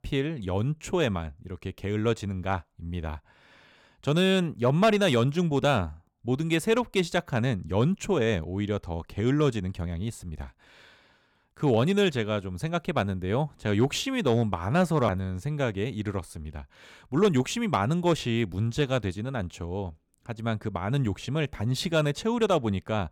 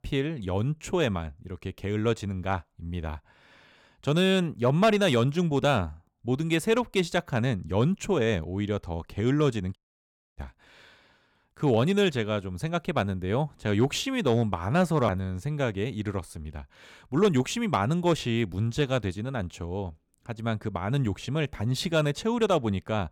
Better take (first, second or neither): first